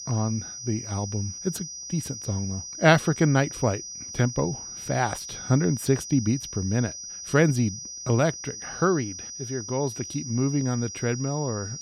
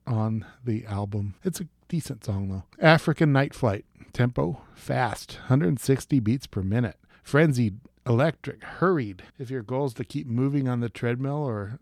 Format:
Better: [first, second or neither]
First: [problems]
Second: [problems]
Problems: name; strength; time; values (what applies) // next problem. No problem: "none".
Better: second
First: high-pitched whine; loud; throughout; 6 kHz, 9 dB below the speech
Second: none